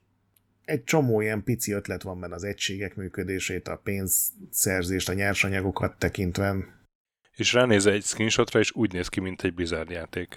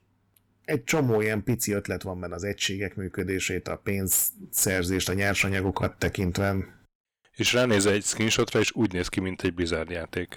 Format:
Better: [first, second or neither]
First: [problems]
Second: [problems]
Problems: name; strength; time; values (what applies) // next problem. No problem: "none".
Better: first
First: none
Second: distortion; slight; 4% of the sound clipped